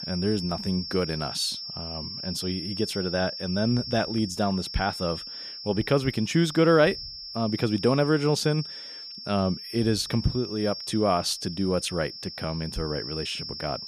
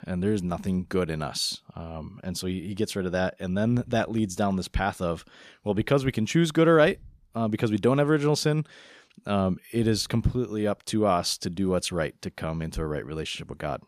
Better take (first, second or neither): second